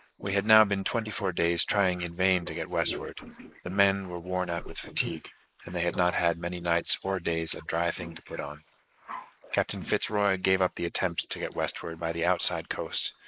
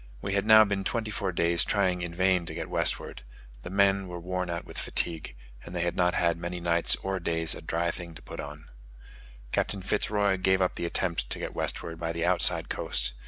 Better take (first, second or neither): second